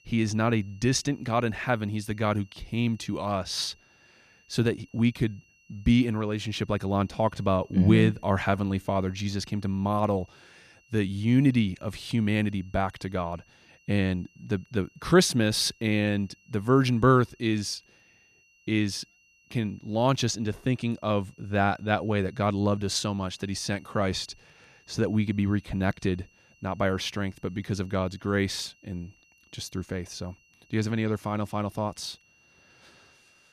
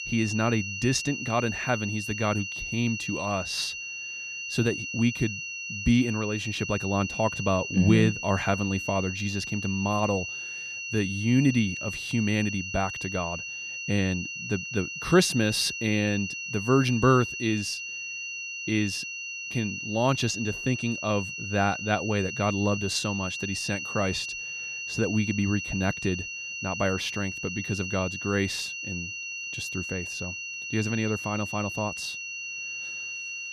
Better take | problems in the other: first | high-pitched whine; loud; throughout; 3 kHz, 5 dB below the speech; faint in the first

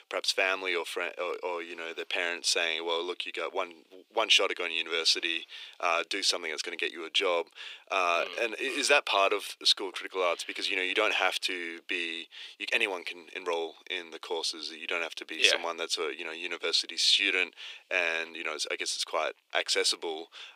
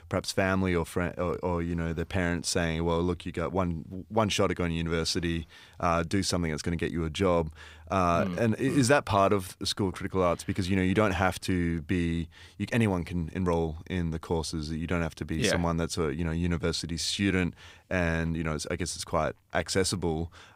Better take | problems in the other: second | thin; very; fading below 350 Hz

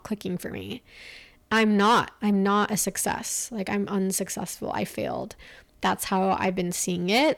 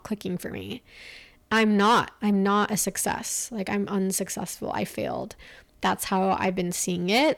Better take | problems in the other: neither | distortion; slight; 10 dB below the speech; the same in both

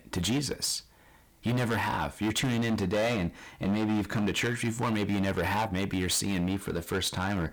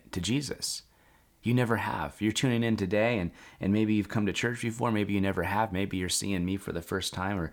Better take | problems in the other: second | distortion; heavy; 17% of the sound clipped

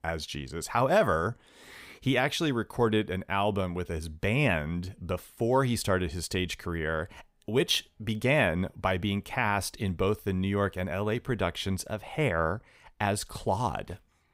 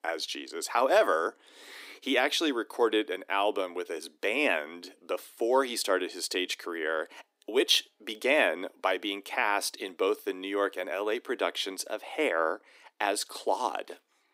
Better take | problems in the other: first | thin; somewhat; fading below 300 Hz

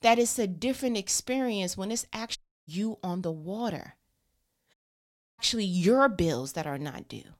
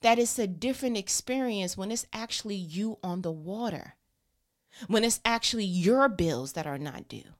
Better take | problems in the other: second | audio cutting out; at 2.5 s and at 4.5 s for 0.5 s

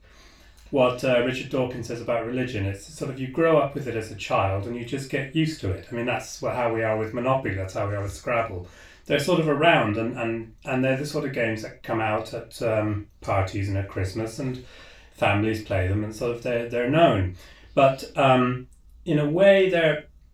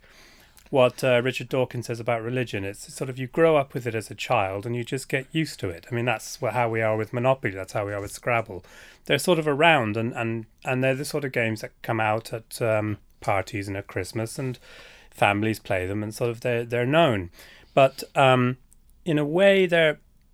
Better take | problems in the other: second | room echo; slight; dies away in 0.2 s // off-mic speech; far

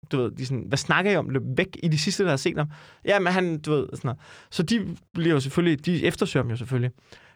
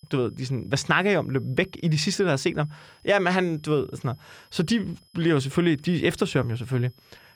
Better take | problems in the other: first | high-pitched whine; faint; throughout; 5 kHz, 35 dB below the speech

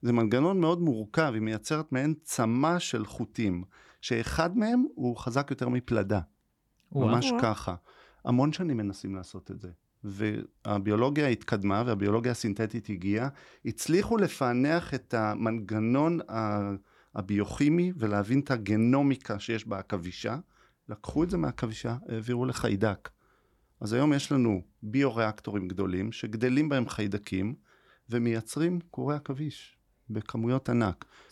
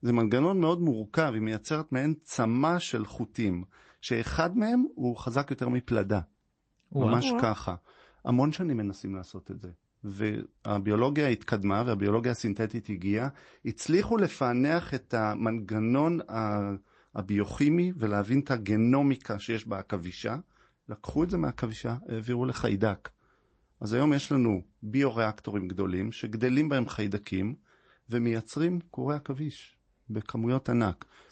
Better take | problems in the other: first | garbled, watery; slightly; nothing above 8 kHz

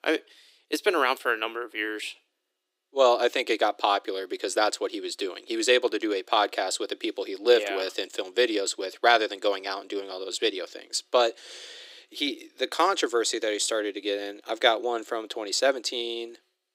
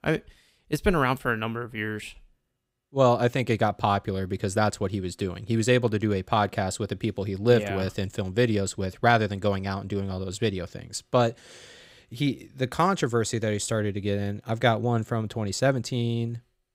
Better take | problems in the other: second | thin; very; fading below 300 Hz

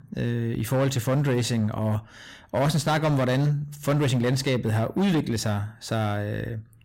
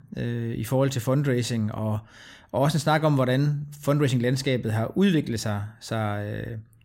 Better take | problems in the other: second | distortion; slight; 12% of the sound clipped

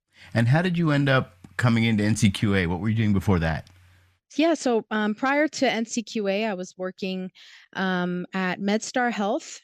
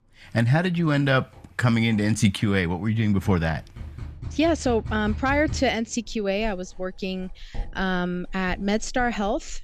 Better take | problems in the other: first | household noises; noticeable; throughout; 15 dB below the speech

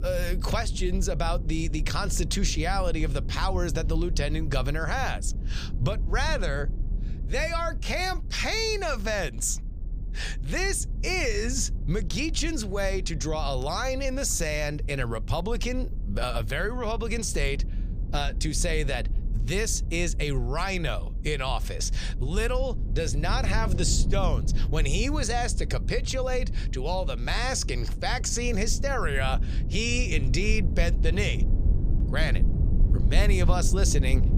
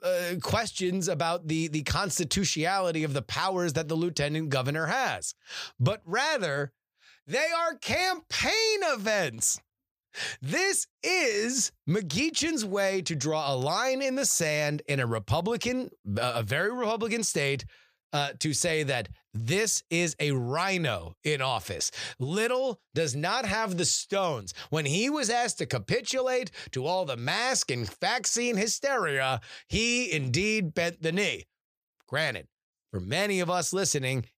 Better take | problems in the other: second | low rumble; noticeable; throughout; 15 dB below the speech

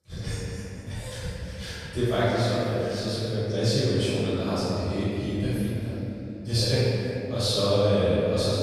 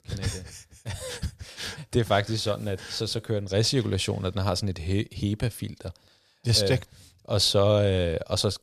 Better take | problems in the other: second | room echo; strong; dies away in 3 s // off-mic speech; far

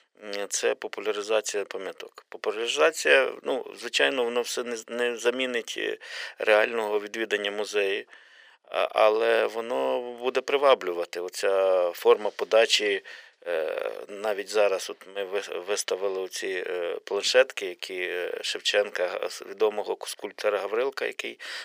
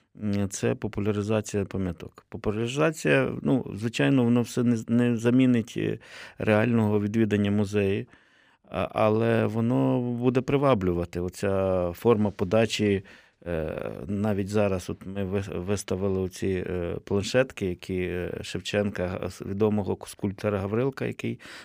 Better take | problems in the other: second | thin; very; fading below 450 Hz

